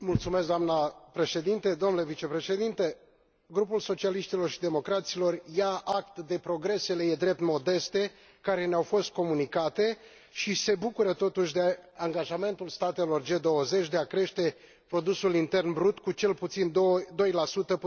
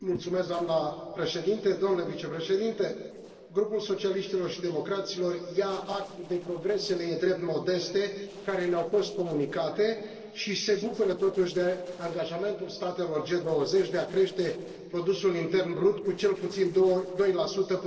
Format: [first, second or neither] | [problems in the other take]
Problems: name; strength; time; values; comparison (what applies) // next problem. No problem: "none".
first | noise reduction (neural separator model SepFormer DNS4)